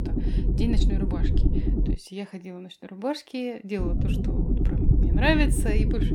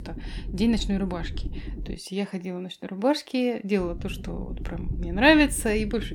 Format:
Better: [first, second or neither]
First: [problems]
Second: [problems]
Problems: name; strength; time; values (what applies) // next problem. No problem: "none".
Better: second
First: low rumble; loud; until 2 s and from 4 s on; 6 dB below the speech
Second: low rumble; faint; until 2 s and from 4 s on; 20 dB below the speech